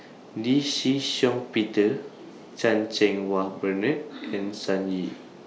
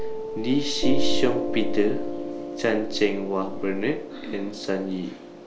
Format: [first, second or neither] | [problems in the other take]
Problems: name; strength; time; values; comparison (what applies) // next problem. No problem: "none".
first | background sound (Piano); 2 dB above the speech